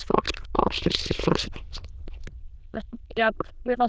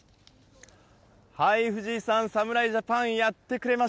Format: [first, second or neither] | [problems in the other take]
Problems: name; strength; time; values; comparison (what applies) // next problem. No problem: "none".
second | noise reduction (neural diffusion model UNIVERSE++)